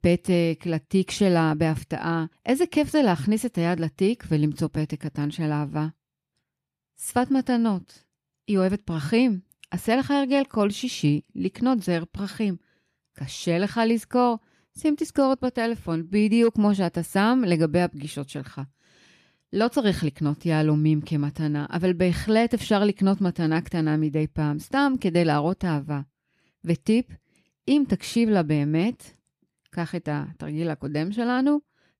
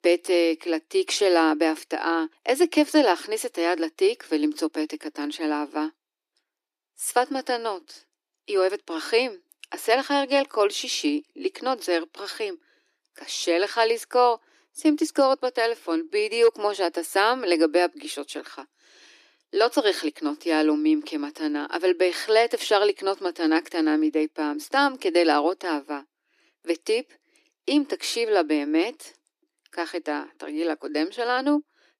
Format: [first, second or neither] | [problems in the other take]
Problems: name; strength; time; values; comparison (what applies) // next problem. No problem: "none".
first | thin; somewhat; fading below 300 Hz